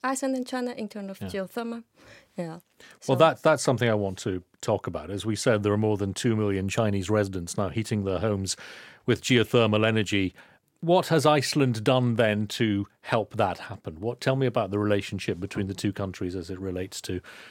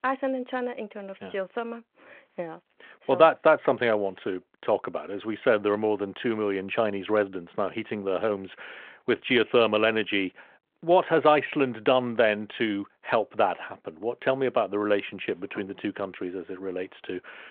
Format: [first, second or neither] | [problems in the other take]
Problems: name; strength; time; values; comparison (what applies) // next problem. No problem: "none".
first | phone-call audio